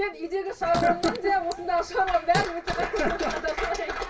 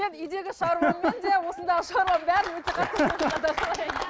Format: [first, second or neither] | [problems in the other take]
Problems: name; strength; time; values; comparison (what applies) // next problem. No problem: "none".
second | background sound (Fart); 10 dB below the speech // room echo; dies away in 0.2 s